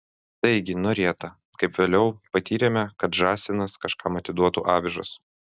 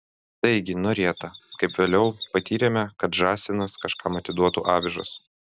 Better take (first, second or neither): first